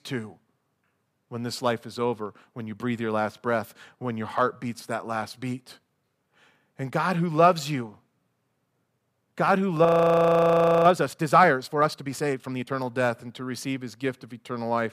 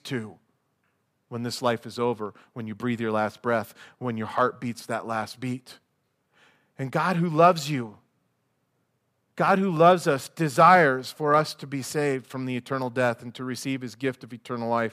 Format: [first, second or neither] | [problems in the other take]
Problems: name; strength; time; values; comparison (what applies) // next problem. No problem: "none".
second | audio freezing; at 10 s for 1 s